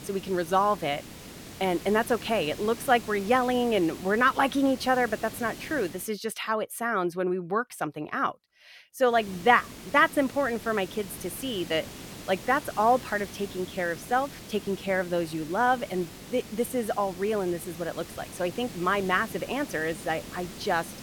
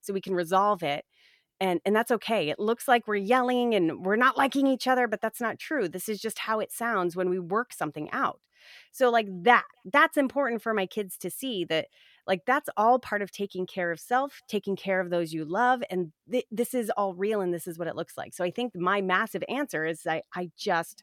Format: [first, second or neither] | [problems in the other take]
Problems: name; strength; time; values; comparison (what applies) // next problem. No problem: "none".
second | hiss; noticeable; until 6 s and from 9 s on; 15 dB below the speech